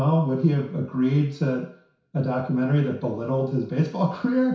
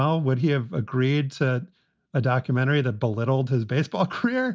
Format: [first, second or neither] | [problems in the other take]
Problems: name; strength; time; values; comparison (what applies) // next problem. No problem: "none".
second | room echo; dies away in 0.6 s